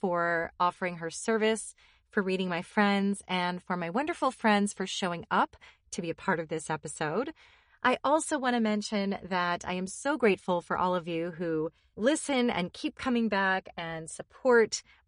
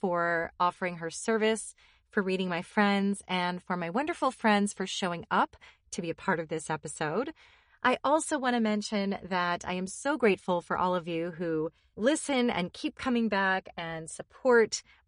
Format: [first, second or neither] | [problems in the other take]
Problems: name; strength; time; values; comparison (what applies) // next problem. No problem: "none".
neither | garbled, watery; slightly; nothing above 10.5 kHz; the same in both